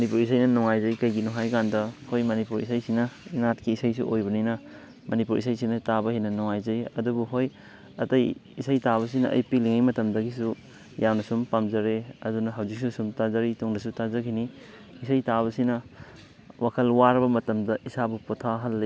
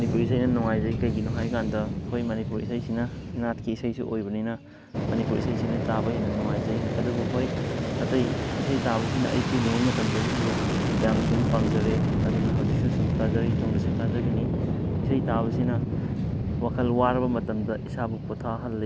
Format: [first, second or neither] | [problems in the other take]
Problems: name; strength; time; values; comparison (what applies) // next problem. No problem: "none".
first | background sound (Fixed-wing aircraft, airplane); 2 dB above the speech